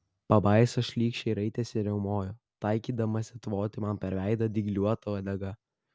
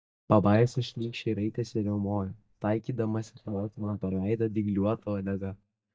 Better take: first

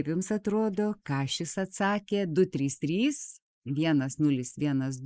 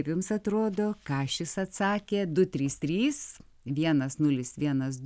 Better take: second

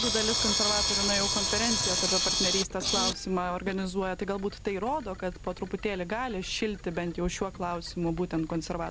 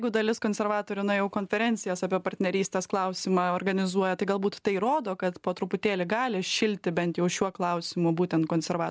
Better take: second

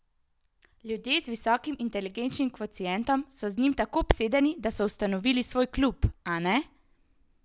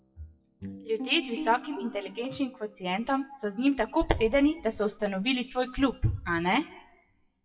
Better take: first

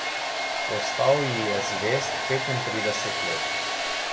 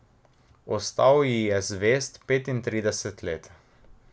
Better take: second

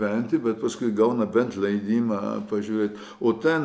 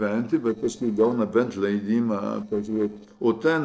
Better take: first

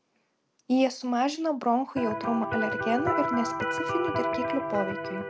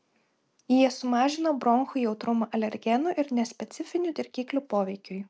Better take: second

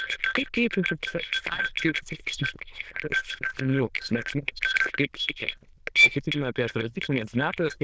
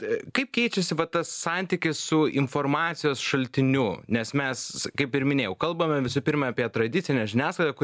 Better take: second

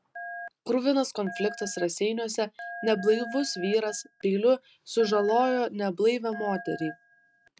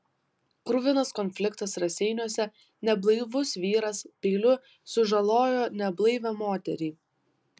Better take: second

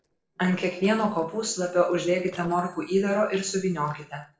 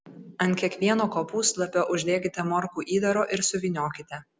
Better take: second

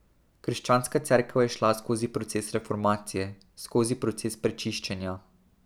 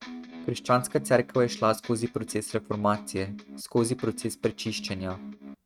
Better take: first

